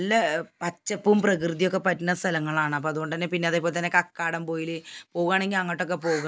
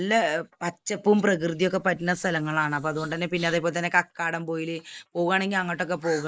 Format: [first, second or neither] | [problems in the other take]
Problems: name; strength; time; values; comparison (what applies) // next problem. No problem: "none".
first | noise reduction (neural mask model Resemble Enhance denoiser)